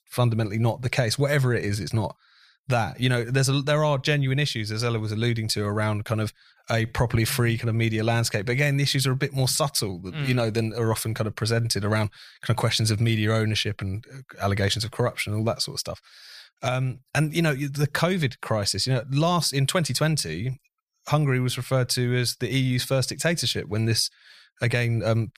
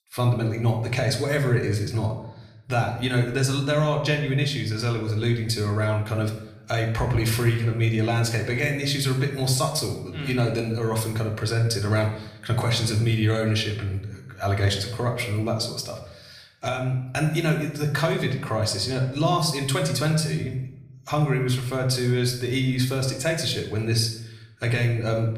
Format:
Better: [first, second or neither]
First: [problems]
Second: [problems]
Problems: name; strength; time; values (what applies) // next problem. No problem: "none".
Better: first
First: none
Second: room echo; slight; dies away in 0.7 s // off-mic speech; somewhat distant